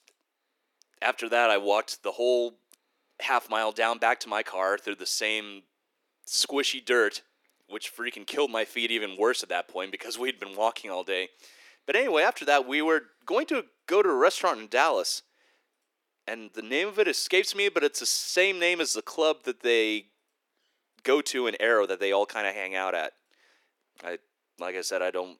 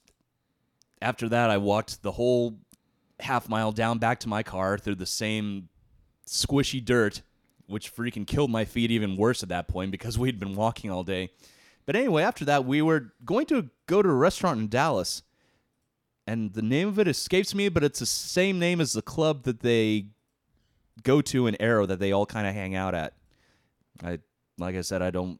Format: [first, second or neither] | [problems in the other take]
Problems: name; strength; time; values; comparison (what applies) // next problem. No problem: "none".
second | thin; very; fading below 350 Hz